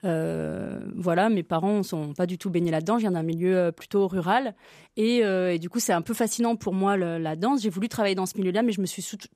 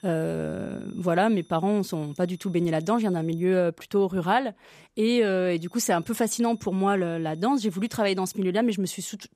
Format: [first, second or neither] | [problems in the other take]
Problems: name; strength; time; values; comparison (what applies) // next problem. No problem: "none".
first | high-pitched whine; faint; until 3.5 s and from 5.5 to 8.5 s; 3.5 kHz, 35 dB below the speech